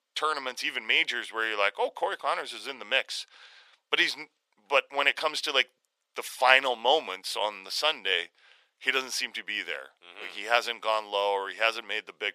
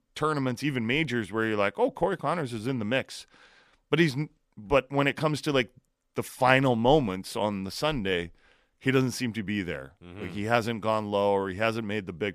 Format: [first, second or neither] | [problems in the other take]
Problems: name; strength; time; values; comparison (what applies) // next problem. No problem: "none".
second | thin; very; fading below 550 Hz